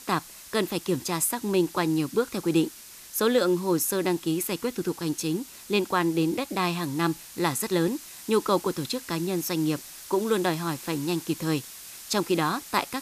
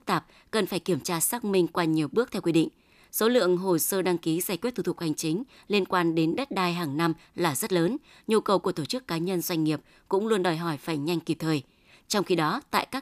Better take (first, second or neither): second